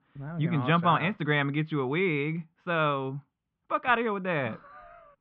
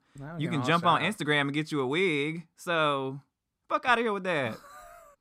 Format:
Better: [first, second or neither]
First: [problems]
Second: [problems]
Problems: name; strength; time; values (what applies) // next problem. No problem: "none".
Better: second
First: muffled; very slightly; fading above 3 kHz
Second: none